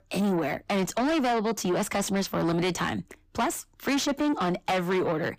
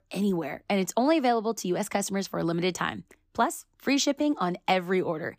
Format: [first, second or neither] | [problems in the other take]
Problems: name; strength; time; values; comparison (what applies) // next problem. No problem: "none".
second | distortion; heavy; 6 dB below the speech